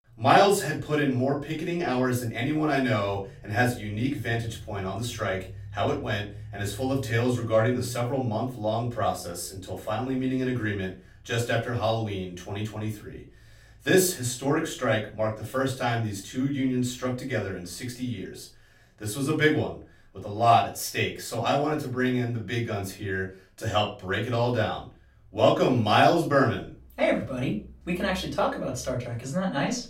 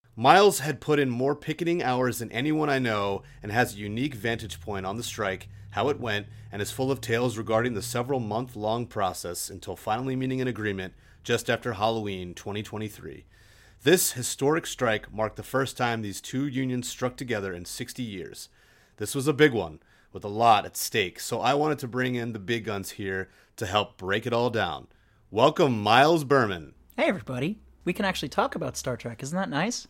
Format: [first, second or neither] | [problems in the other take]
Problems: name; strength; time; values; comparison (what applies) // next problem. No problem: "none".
second | off-mic speech; far // room echo; slight; dies away in 0.3 s